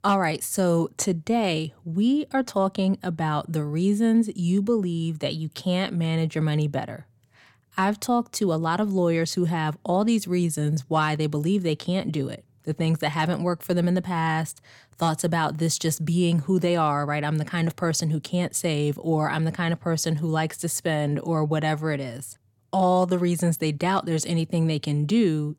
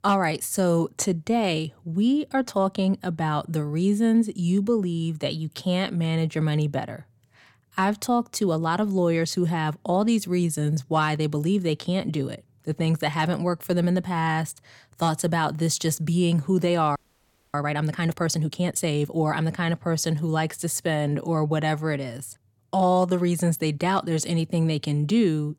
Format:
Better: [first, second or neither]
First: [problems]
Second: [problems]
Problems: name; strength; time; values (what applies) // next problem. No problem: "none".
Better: first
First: none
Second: audio freezing; at 17 s for 0.5 s